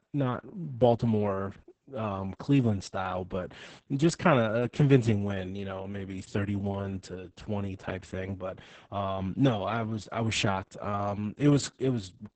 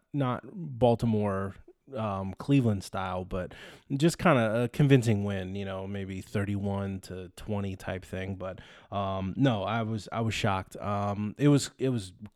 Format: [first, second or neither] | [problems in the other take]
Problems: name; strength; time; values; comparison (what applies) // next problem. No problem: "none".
second | garbled, watery; badly; nothing above 8 kHz